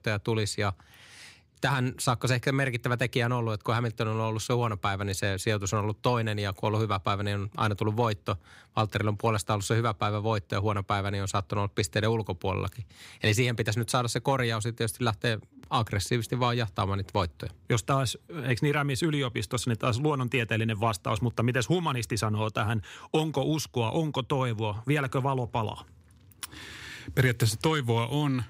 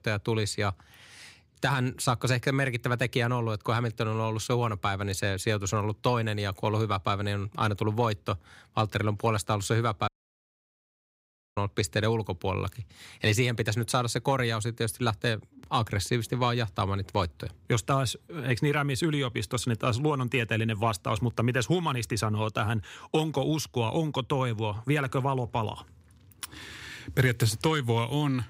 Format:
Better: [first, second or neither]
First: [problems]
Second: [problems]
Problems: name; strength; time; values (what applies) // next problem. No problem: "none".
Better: first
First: none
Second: audio cutting out; at 10 s for 1.5 s